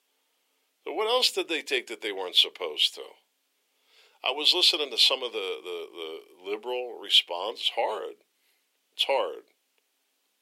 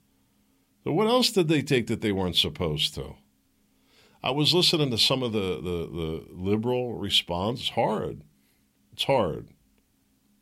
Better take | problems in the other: second | thin; very; fading below 400 Hz

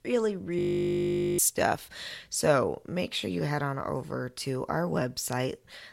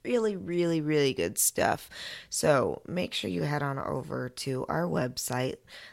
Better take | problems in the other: second | audio freezing; at 0.5 s for 1 s

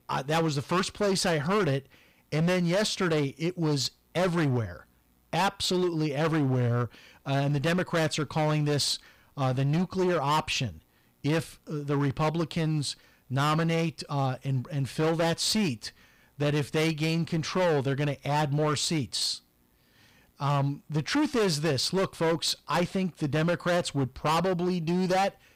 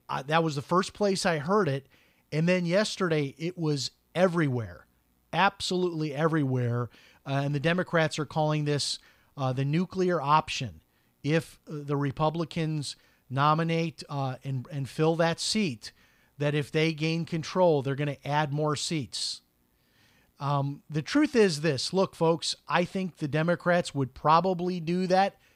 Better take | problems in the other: second | distortion; heavy; 15% of the sound clipped

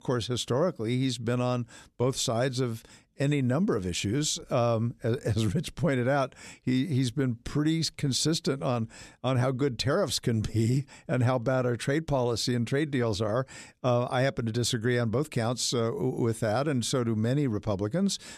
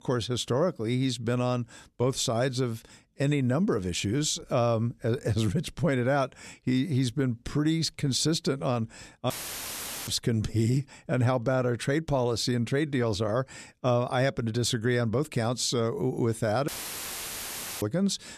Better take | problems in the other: first | audio cutting out; filled with static; at 9.5 s for 1 s and at 17 s for 1 s

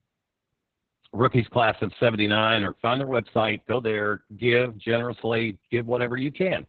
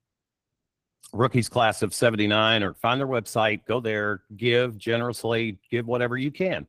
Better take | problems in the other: second | garbled, watery; badly; nothing above 3.5 kHz; slightly in the second

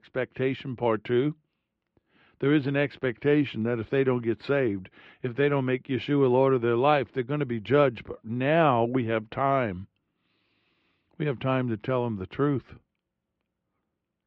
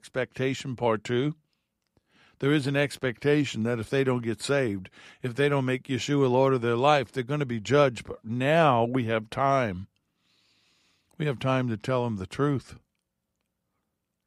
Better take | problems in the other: second | muffled; very; fading above 3 kHz

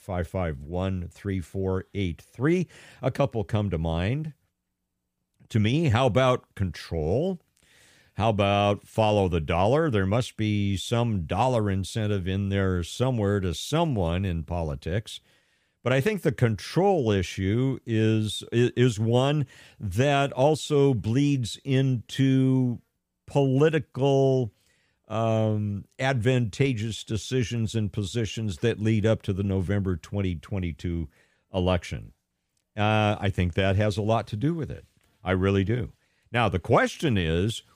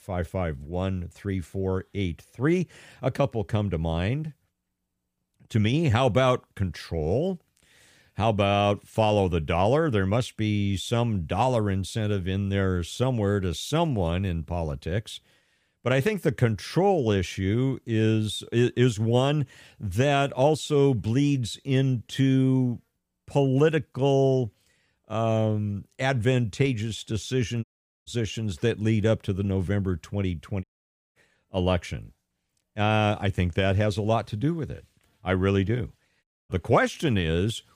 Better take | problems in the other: first | audio cutting out; at 28 s, at 31 s for 0.5 s and at 36 s

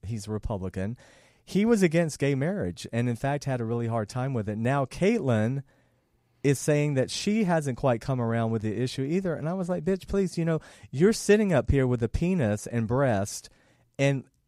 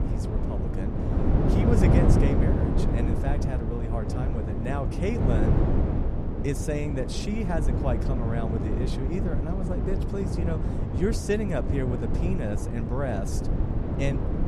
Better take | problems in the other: first | wind noise on the microphone; heavy; as loud as the speech

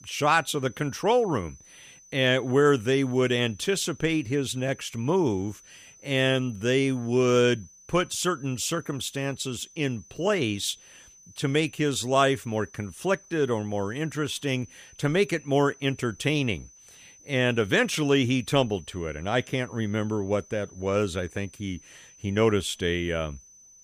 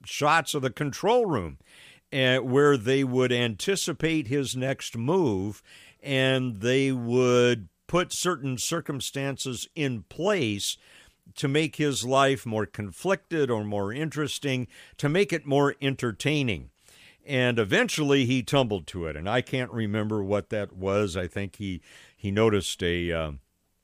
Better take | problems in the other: second | high-pitched whine; faint; throughout; 6 kHz, 25 dB below the speech

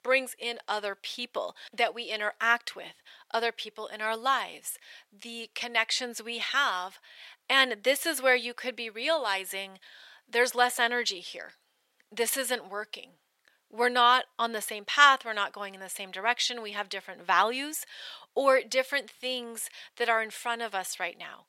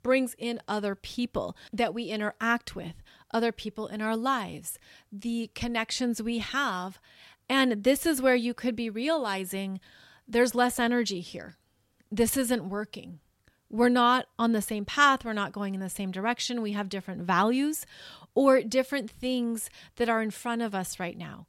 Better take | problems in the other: second | thin; very; fading below 650 Hz

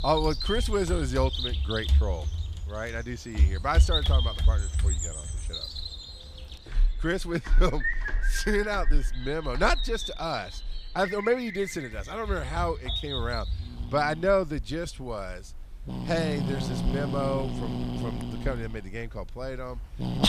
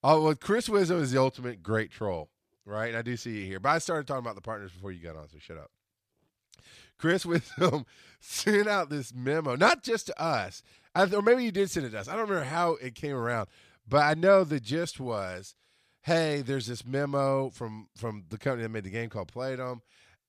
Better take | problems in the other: second | animal sounds; very loud; throughout; as loud as the speech

